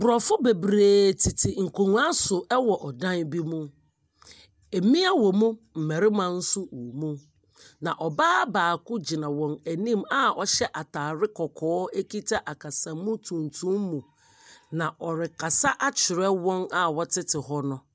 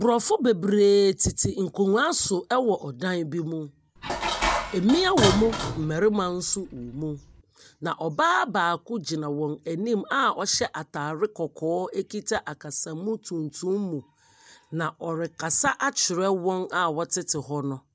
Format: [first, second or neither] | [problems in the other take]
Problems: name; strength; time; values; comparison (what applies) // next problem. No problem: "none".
first | background sound (Dishes, pots, and pans); 4 dB below the speech